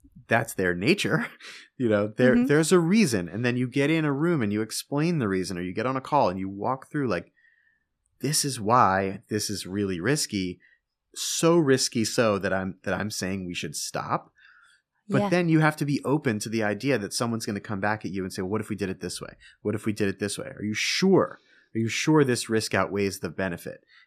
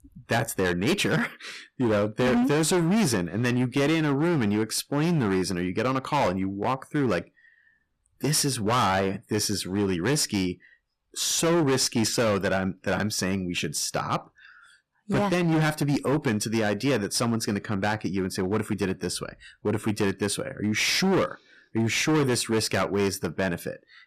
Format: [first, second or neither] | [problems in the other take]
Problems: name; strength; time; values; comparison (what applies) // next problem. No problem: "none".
first | distortion; heavy; 14% of the sound clipped